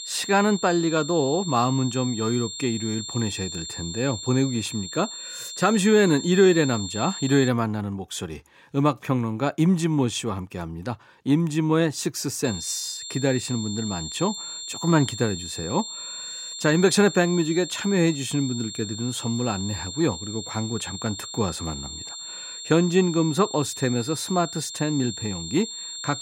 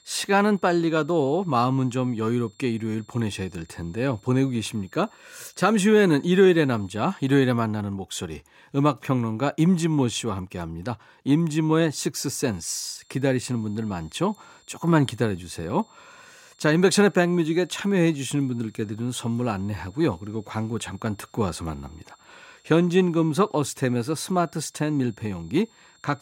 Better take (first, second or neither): second